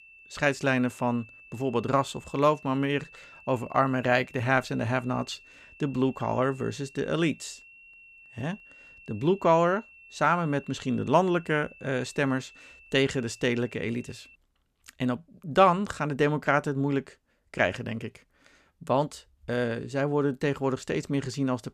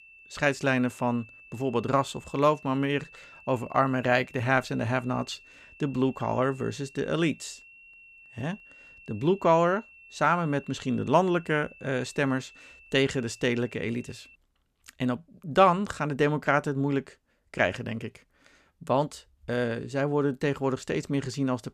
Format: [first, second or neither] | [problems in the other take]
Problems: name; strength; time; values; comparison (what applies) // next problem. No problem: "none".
neither | high-pitched whine; faint; until 14 s; 2.5 kHz, 25 dB below the speech; the same in both